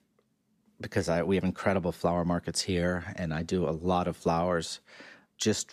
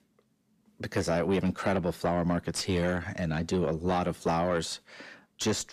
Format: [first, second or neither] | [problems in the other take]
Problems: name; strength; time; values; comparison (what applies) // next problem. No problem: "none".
first | distortion; slight; 10 dB below the speech